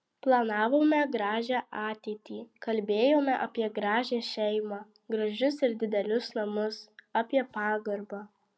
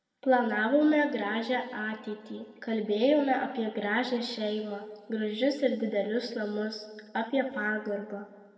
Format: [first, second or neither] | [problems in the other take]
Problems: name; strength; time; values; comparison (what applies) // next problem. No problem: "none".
first | room echo; dies away in 1.6 s